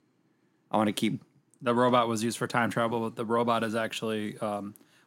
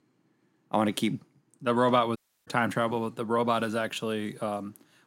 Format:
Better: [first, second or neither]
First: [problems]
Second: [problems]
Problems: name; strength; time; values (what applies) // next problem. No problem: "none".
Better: first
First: none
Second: audio cutting out; at 2 s